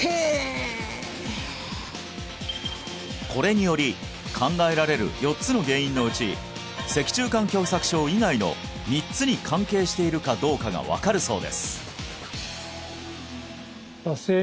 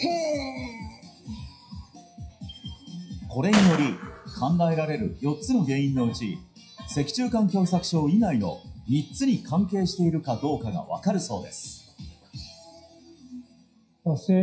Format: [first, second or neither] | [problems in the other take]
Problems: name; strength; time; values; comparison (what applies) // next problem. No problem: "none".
first | noise reduction (classical method WPE with log-MMSE)